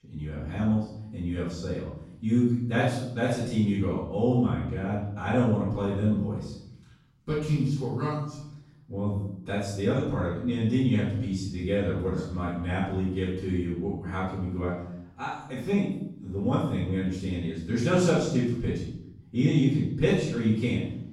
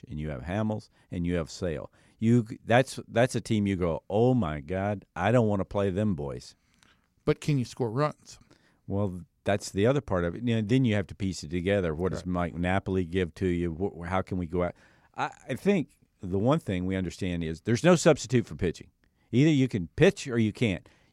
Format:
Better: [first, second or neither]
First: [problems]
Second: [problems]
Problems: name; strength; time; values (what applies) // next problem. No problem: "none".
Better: second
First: off-mic speech; far // room echo; strong; dies away in 0.8 s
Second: none